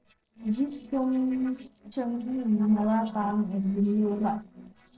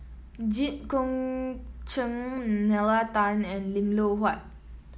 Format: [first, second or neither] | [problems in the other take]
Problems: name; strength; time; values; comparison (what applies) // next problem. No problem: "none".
second | noise reduction (neural separator model SepFormer DNS4)